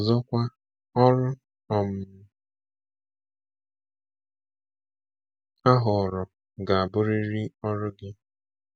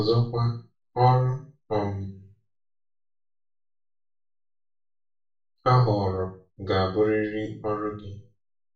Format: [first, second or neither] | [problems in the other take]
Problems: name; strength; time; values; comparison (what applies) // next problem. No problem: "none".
first | room echo; dies away in 0.3 s